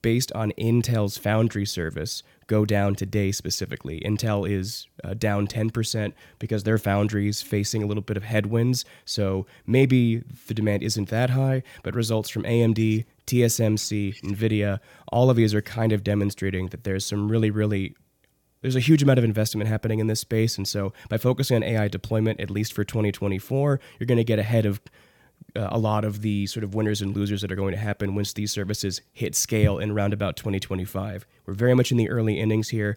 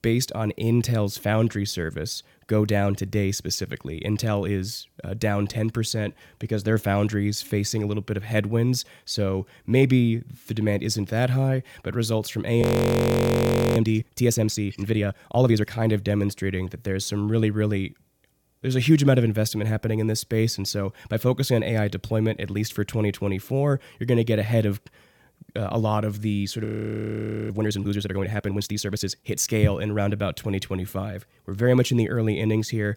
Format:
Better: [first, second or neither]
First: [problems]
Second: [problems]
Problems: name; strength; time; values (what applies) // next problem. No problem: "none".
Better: first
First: none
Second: audio freezing; at 13 s for 1 s and at 27 s for 1 s